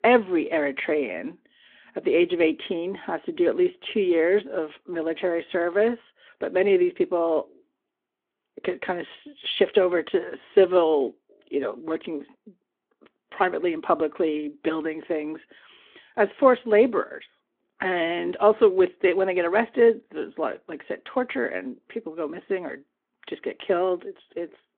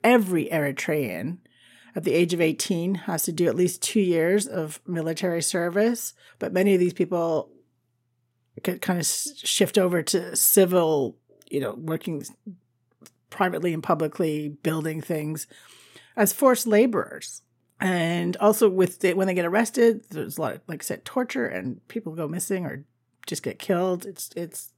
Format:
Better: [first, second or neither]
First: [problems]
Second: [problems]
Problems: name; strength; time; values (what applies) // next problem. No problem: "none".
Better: second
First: phone-call audio; nothing above 3.5 kHz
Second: none